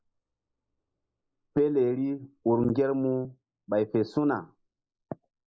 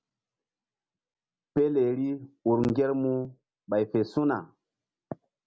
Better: second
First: noise reduction (neural mask model Resemble Enhance denoiser)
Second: none

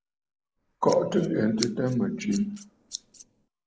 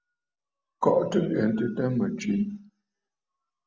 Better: second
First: noise reduction (neural mask model Resemble Enhance denoiser)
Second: none

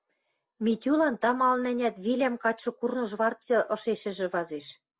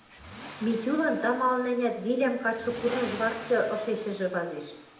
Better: first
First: none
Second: background sound (Accelerating, revving, vroom); 15 dB below the speech // room echo; dies away in 0.8 s

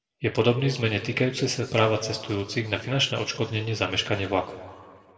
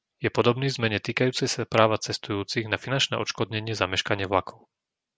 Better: second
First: room echo; dies away in 1.5 s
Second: none

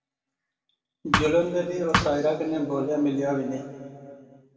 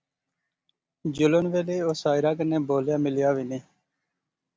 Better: second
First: background sound (Thump, thud); 2 dB above the speech // room echo; dies away in 2.1 s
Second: none

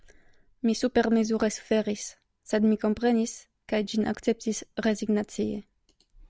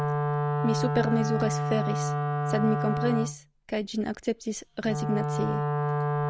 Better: first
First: none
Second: background sound (Wind instrument, woodwind instrument); 2 dB above the speech

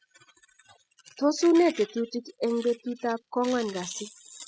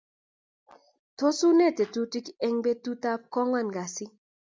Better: second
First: noise reduction (classical method spectral subtraction)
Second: none

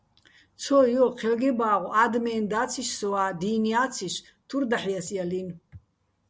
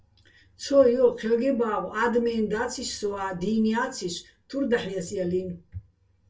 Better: first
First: none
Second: room echo; dies away in 0.2 s

